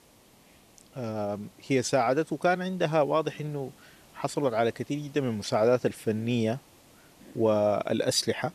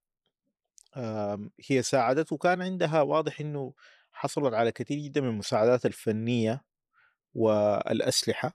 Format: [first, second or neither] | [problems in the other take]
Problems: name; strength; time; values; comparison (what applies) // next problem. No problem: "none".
second | hiss; faint; throughout; 25 dB below the speech